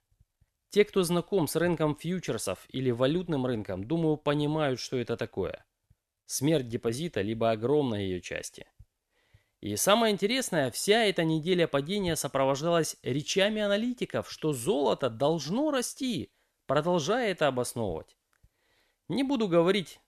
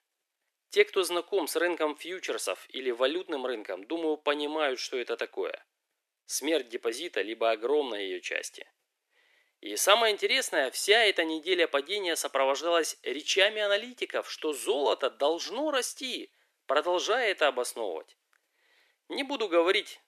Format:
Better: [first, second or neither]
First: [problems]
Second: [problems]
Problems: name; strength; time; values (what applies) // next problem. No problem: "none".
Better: first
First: none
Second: thin; very; fading below 350 Hz